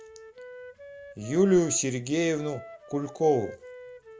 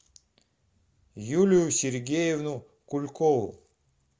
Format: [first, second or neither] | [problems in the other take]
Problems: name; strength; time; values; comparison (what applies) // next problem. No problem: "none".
second | background sound (Wind instrument, woodwind instrument); 17 dB below the speech